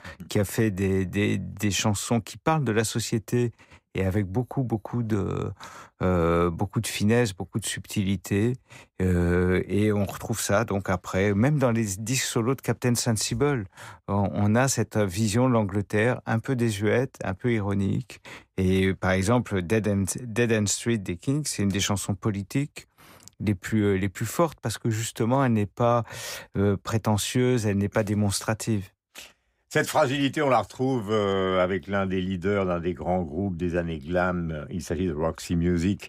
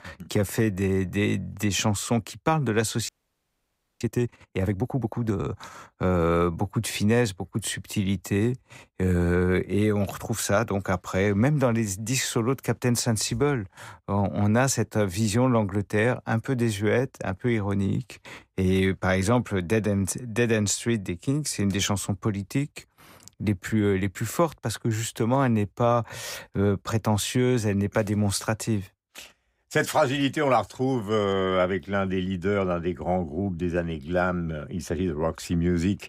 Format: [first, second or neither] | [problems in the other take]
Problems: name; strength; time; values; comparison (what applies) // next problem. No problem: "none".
first | audio freezing; at 3 s for 1 s